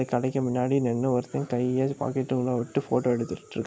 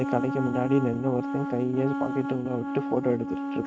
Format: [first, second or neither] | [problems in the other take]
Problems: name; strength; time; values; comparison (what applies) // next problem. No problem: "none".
first | noise reduction (neural mask model RNNoise)